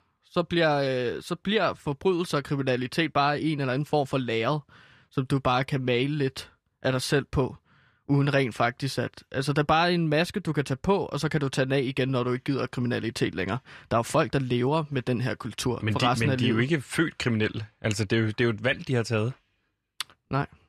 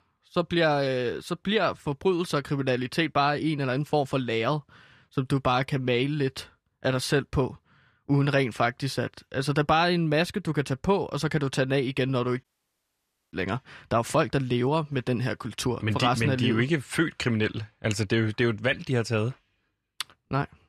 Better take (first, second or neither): first